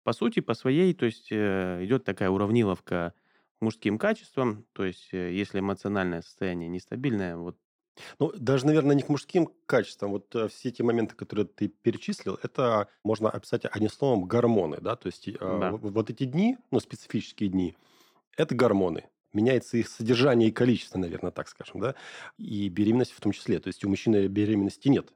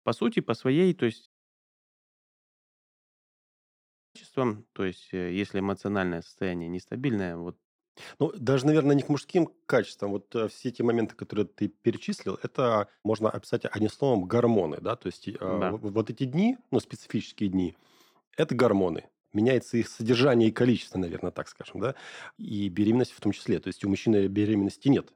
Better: first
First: none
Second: audio cutting out; at 1.5 s for 3 s

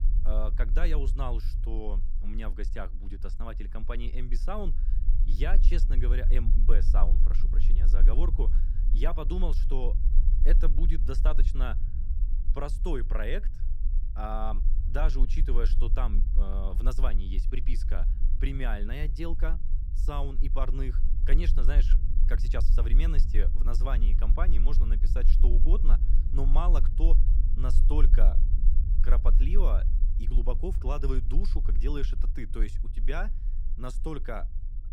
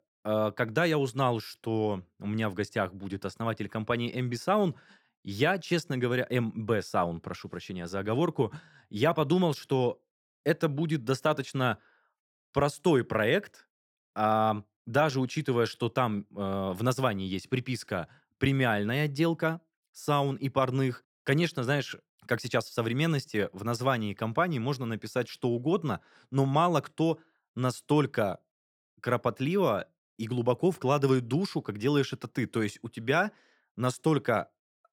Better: second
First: low rumble; noticeable; throughout; 10 dB below the speech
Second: none

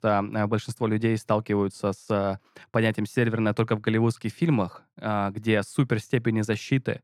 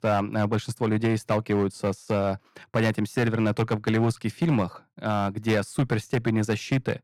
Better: first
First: none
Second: distortion; slight; 6% of the sound clipped

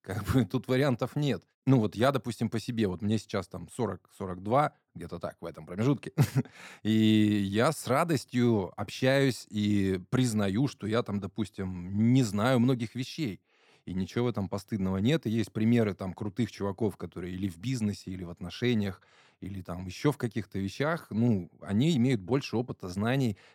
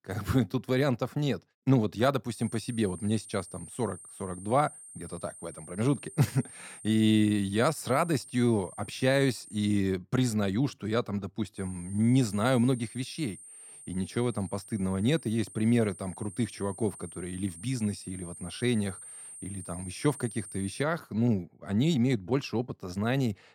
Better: first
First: none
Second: high-pitched whine; noticeable; from 2.5 to 10 s and from 12 to 21 s; 8.5 kHz, 15 dB below the speech

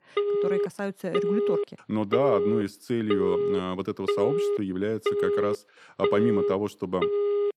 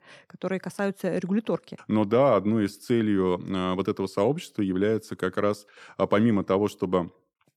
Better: second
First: phone ringing; loud; peak 5 dB above the speech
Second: none

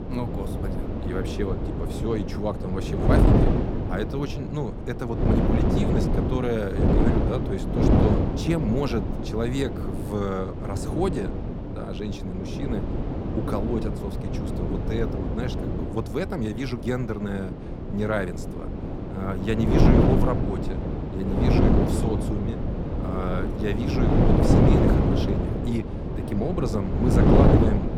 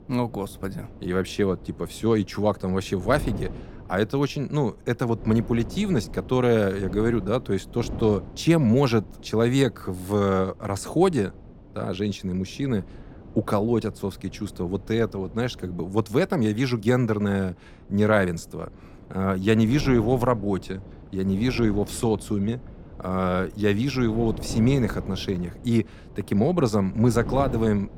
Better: second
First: wind noise on the microphone; heavy; 2 dB above the speech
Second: wind noise on the microphone; occasional gusts; 20 dB below the speech

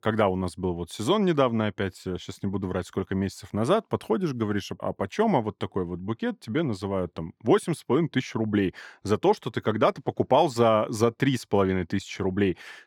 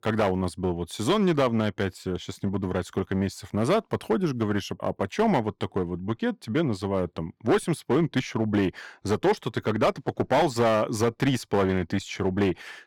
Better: first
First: none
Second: distortion; slight; 7% of the sound clipped

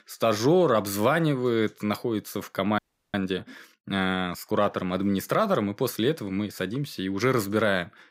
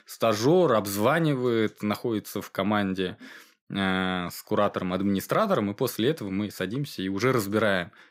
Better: second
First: audio freezing; at 3 s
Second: none

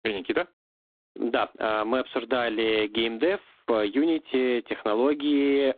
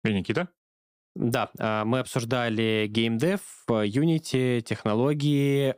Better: second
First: phone-call audio; poor line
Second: none

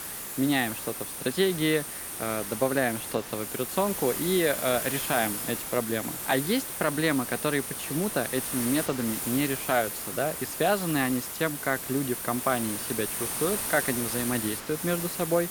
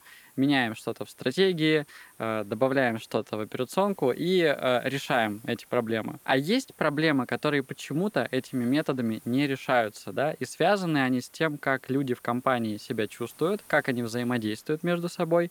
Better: second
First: hiss; loud; throughout; 3 dB below the speech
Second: hiss; faint; throughout; 25 dB below the speech

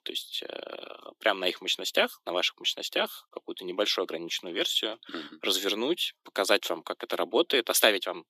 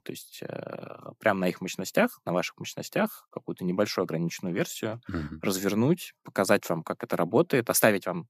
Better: second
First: thin; somewhat; fading below 350 Hz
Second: none

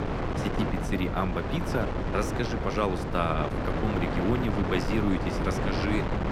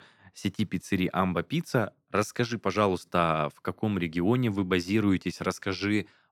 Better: second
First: wind noise on the microphone; heavy; 1 dB below the speech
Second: none

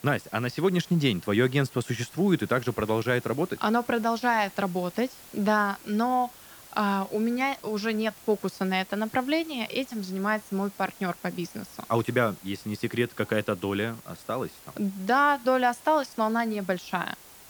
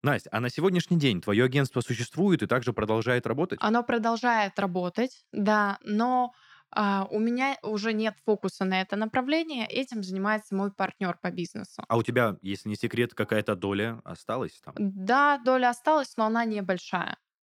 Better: second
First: hiss; noticeable; throughout; 20 dB below the speech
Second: none

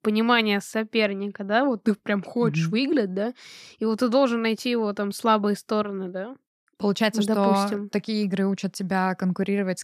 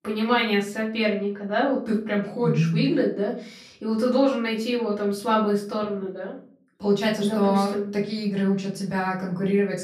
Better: first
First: none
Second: off-mic speech; far // room echo; slight; dies away in 0.5 s

